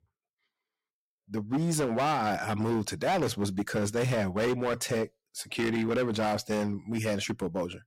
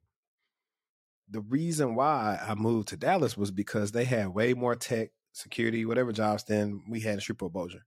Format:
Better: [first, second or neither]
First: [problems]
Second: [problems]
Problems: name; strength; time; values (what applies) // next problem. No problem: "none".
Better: second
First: distortion; heavy; 13% of the sound clipped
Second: none